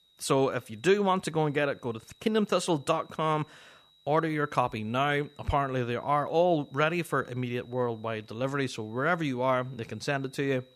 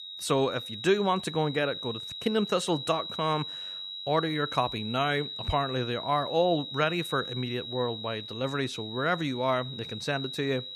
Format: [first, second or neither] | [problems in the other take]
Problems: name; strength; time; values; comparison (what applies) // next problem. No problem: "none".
first | high-pitched whine; loud; throughout; 4 kHz, 7 dB below the speech; faint in the first